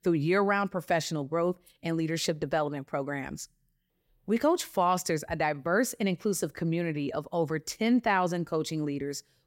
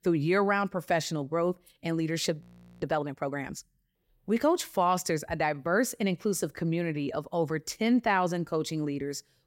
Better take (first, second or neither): first